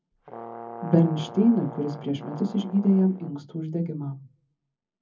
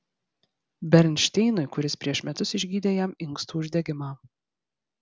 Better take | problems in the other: second | background sound (Brass instrument); 15 dB below the speech // room echo; dies away in 0.3 s

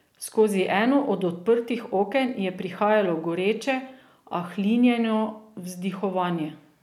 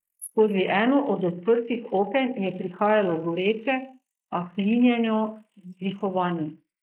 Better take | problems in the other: first | noise reduction (neural mask model Resemble Enhance denoiser)

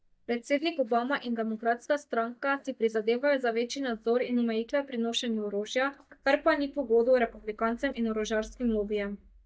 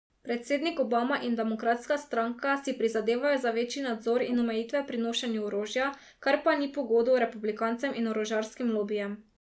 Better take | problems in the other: second | noise reduction (neural mask model DeepFilterNet 3)

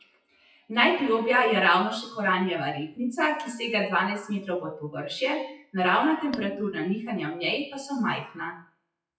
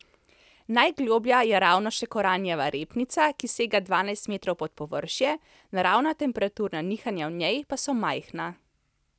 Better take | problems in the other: second | noise reduction (classical method WPE with log-MMSE)

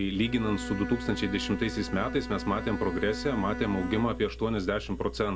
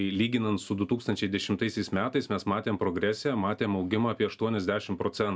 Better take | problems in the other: second | background sound (Bowed string instrument + Engine); 8 dB below the speech

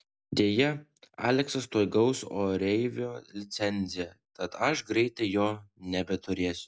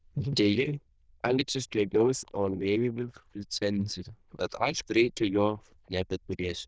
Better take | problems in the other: first | noise reduction (neural diffusion model UNIVERSE++)

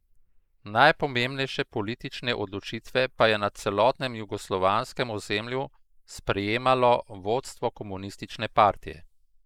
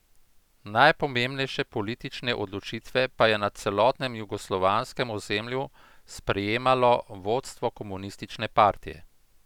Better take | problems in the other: second | noise reduction (neural mask model Resemble Enhance denoiser)

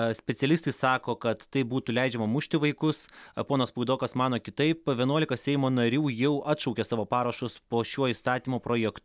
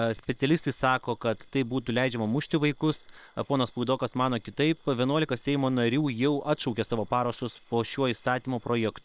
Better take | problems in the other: first | noise reduction (neural separator model SepFormer WHAM!)

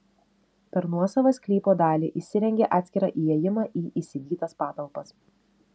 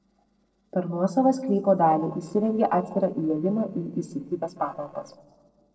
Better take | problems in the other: first | noise reduction (neural separator model SepFormer DNS4)

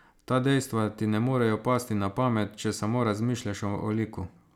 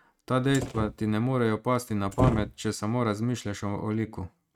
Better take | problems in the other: first | noise reduction (neural mask model RNNoise)

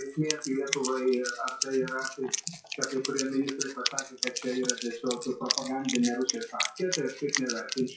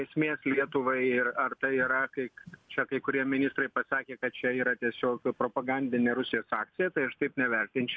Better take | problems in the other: second | noise reduction (classical method WPE with log-MMSE)

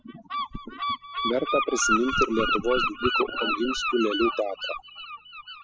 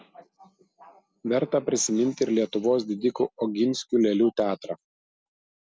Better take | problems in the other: second | noise reduction (classical method spectral subtraction)

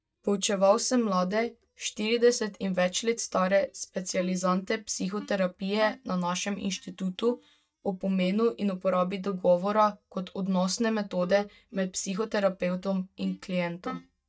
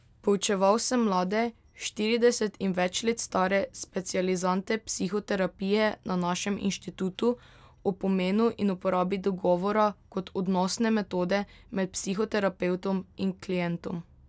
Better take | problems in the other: second | noise reduction (neural mask model DeepFilterNet 3)

